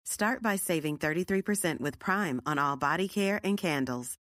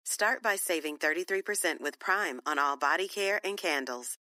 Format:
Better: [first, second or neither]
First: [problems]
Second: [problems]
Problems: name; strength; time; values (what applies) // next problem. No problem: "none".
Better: first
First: none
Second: thin; very; fading below 350 Hz